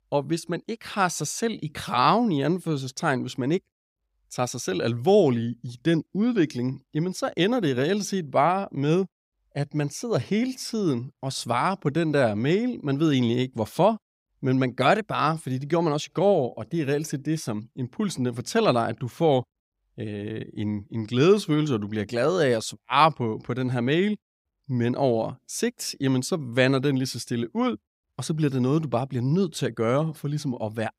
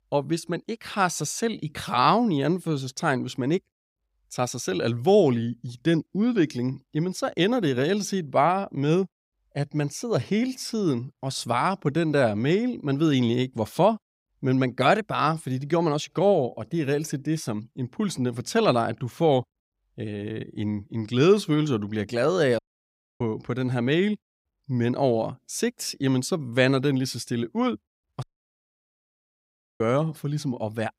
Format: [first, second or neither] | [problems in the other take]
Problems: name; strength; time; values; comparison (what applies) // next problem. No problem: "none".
first | audio cutting out; at 23 s for 0.5 s and at 28 s for 1.5 s